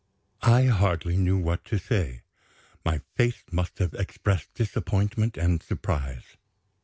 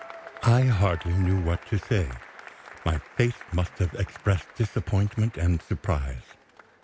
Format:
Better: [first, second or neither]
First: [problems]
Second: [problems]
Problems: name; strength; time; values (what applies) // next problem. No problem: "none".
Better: first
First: none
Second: background sound (Applause / Crowd / Cheering); 20 dB below the speech